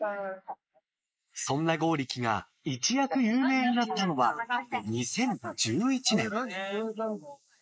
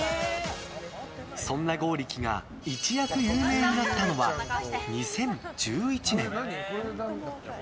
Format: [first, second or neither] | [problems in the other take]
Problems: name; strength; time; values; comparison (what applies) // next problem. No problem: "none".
second | noise reduction (neural mask model Resemble Enhance denoiser)